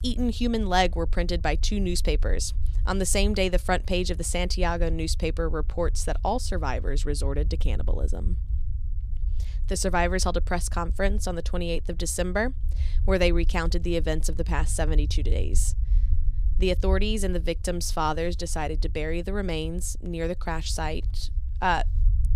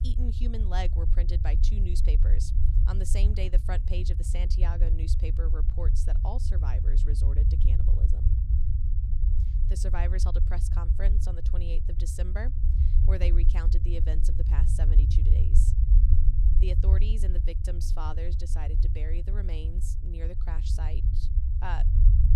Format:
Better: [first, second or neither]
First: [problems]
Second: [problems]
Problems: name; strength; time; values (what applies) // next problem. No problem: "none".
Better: first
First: low rumble; faint; throughout; 25 dB below the speech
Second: low rumble; loud; throughout; 4 dB below the speech